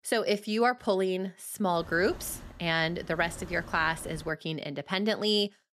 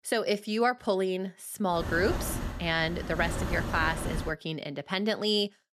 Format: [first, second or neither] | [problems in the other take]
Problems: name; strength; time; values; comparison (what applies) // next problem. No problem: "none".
first | wind noise on the microphone; heavy; from 2 to 4.5 s; 9 dB below the speech; occasional gusts in the first